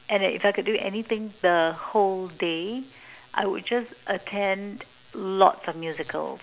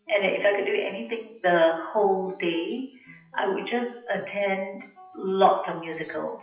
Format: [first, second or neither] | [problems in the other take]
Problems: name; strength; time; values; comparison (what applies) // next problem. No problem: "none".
first | noise reduction (classical method WPE with log-MMSE)